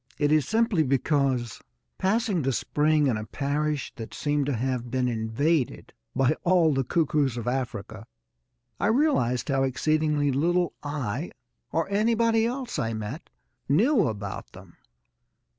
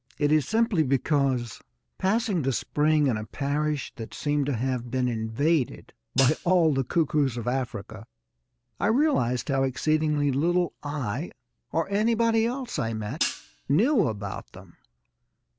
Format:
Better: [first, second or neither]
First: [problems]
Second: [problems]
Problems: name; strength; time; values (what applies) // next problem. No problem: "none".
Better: first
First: none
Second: background sound (Hi-hat); 9 dB below the speech